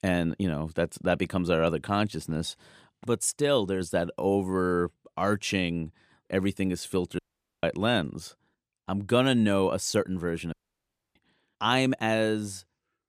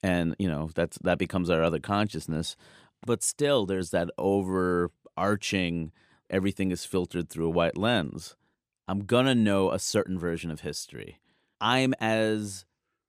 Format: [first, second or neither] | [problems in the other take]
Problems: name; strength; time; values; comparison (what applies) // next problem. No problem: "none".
second | audio cutting out; at 7 s and at 11 s for 0.5 s